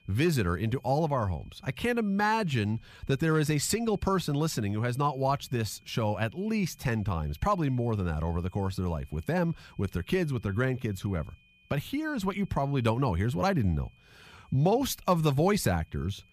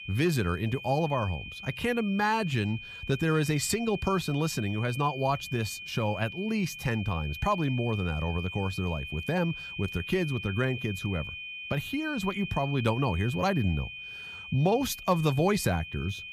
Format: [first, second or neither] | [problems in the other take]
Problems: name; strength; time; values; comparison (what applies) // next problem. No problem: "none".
first | high-pitched whine; loud; throughout; 2.5 kHz, 9 dB below the speech; faint in the first